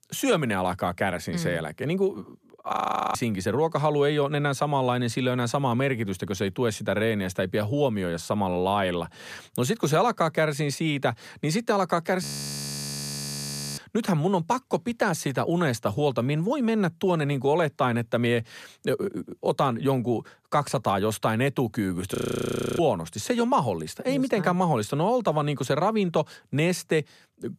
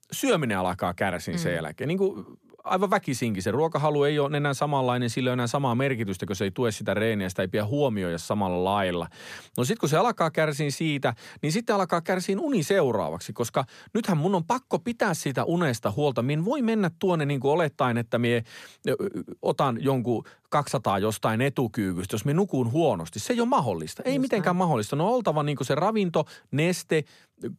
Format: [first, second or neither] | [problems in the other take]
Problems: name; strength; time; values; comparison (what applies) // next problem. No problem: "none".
second | audio freezing; at 2.5 s, at 12 s for 1.5 s and at 22 s for 0.5 s